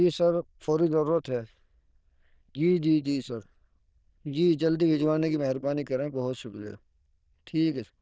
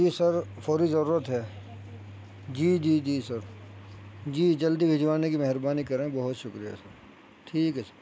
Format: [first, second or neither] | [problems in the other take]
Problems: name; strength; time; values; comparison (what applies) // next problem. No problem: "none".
second | noise reduction (neural diffusion model UNIVERSE++)